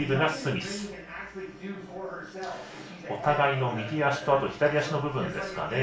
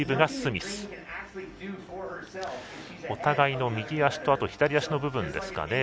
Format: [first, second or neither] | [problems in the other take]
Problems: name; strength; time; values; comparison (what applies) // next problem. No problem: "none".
second | room echo; dies away in 0.3 s